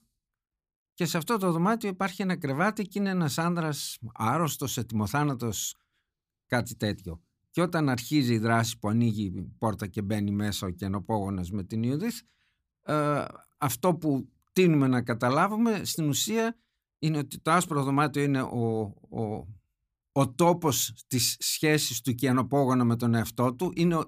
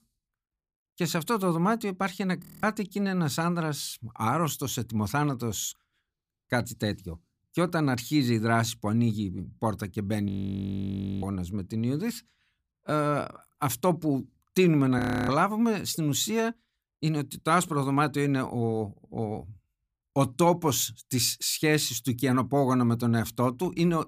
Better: first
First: none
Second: audio freezing; at 2.5 s, at 10 s for 1 s and at 15 s

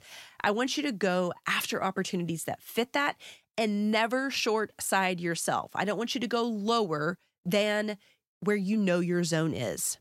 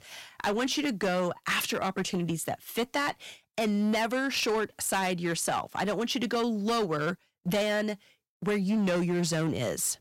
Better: first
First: none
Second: distortion; slight; 12% of the sound clipped

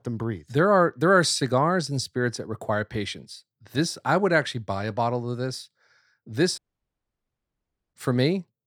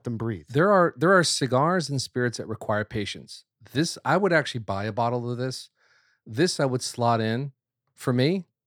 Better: second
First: audio cutting out; at 6.5 s for 1.5 s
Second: none

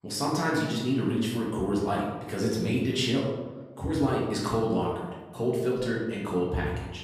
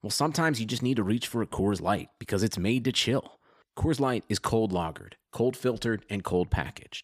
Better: second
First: room echo; noticeable; dies away in 1 s // off-mic speech; far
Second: none

